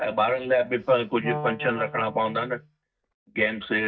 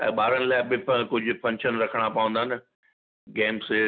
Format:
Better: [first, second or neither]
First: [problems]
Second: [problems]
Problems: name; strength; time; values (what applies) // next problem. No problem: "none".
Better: second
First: noise reduction (neural mask model DeepFilterNet 3)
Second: none